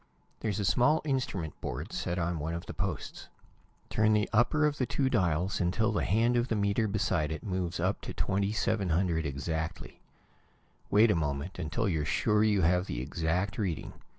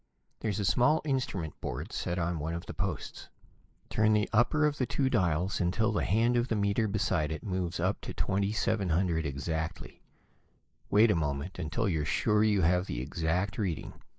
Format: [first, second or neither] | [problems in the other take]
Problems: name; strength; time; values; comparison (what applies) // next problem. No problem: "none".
first | noise reduction (neural mask model Resemble Enhance denoiser)